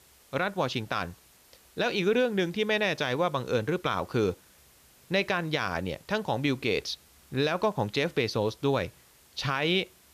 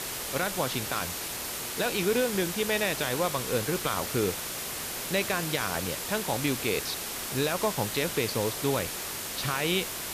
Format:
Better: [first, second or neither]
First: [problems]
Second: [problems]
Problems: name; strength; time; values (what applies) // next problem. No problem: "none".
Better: first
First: hiss; faint; throughout; 30 dB below the speech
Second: hiss; loud; throughout; 2 dB below the speech